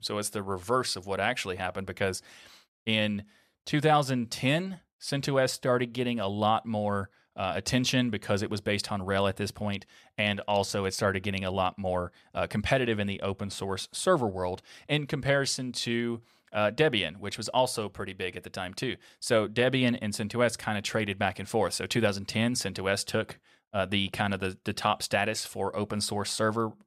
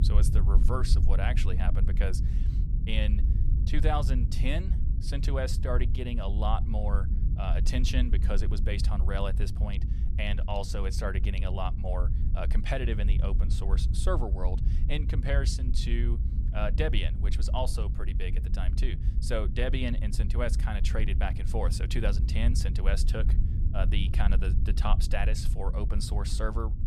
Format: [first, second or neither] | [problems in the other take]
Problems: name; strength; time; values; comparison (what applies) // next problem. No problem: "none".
first | low rumble; loud; throughout; 10 dB below the speech